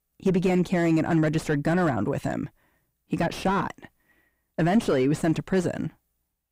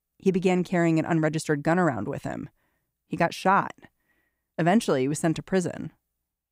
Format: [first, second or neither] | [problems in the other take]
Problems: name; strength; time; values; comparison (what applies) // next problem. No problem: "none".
second | distortion; heavy; 7 dB below the speech